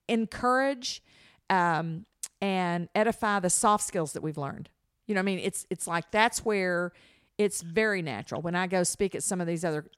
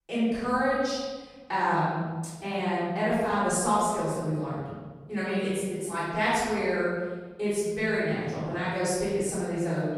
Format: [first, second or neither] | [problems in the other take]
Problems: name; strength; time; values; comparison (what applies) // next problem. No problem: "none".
first | off-mic speech; far // room echo; strong; dies away in 1.4 s